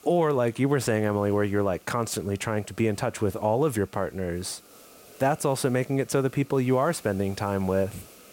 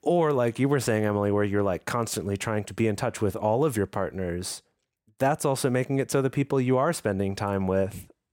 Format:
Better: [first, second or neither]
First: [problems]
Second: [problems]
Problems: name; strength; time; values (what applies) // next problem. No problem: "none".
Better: second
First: hiss; faint; throughout; 25 dB below the speech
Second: none